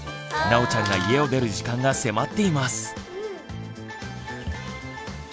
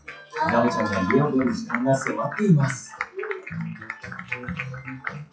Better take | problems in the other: first | noise reduction (classical method WPE with log-MMSE)

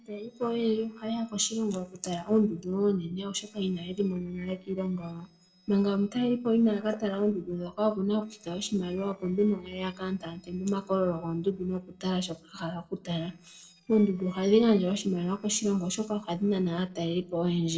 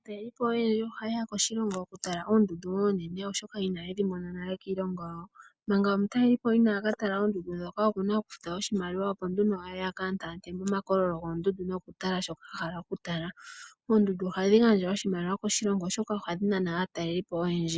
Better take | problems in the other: second | noise reduction (neural separator model SepFormer DNS4)

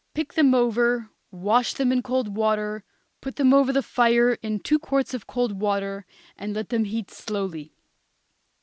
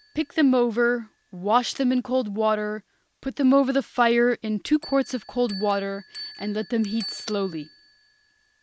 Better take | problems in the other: first | background sound (Bell); 20 dB below the speech

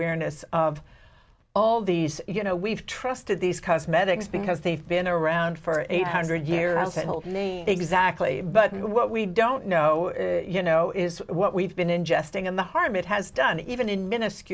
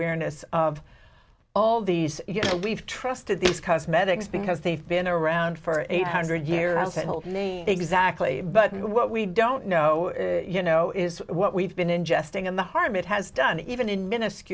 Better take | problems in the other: first | background sound (Walk, footsteps); 8 dB below the speech

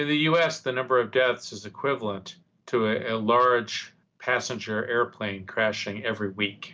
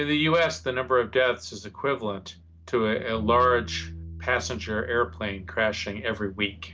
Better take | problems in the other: first | background sound (Bass guitar); 15 dB below the speech

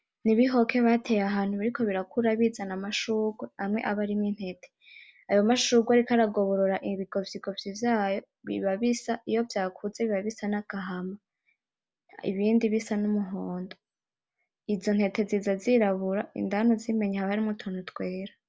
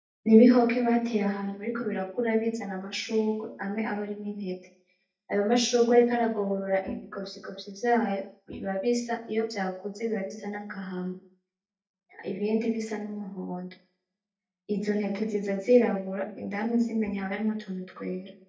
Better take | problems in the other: first | noise reduction (neural mask model DeepFilterNet 3)

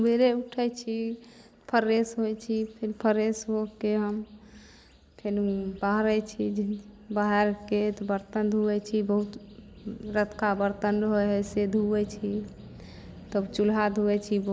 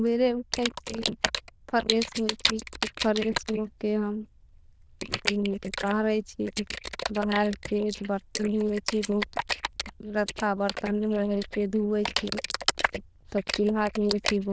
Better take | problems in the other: first | noise reduction (neural diffusion model UNIVERSE++)

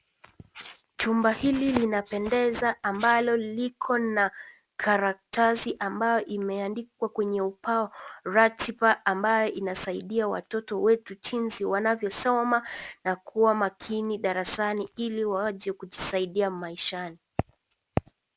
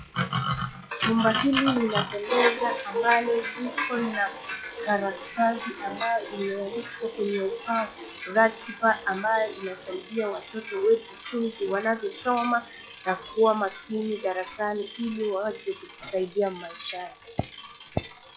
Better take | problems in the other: first | noise reduction (classical method log-MMSE)

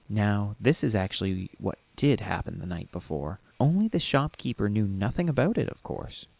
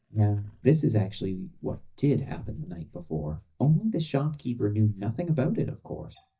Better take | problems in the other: first | noise reduction (neural mask model DeepFilterNet 3)

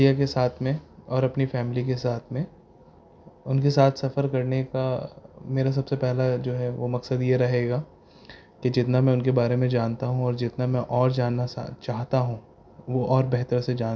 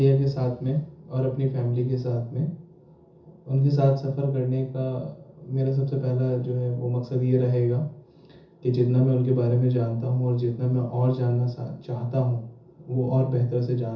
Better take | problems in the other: first | room echo; dies away in 0.6 s

